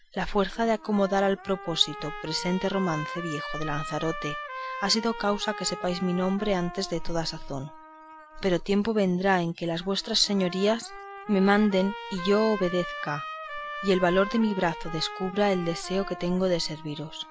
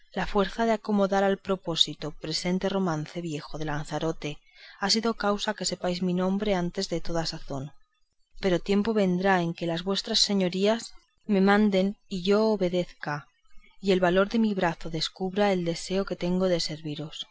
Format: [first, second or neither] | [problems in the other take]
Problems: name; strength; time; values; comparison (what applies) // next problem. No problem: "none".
second | background sound (Trumpet); 12 dB below the speech